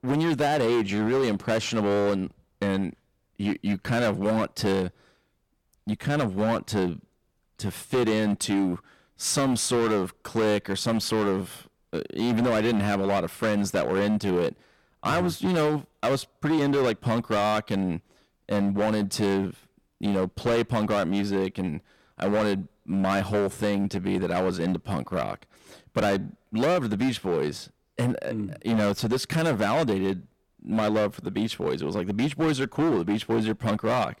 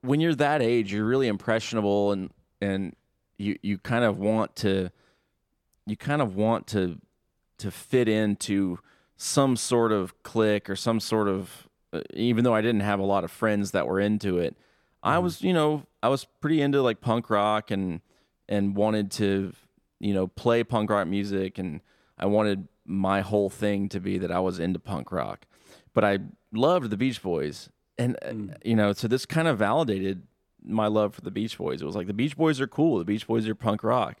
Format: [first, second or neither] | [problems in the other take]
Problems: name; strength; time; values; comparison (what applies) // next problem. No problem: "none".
second | distortion; heavy; 14% of the sound clipped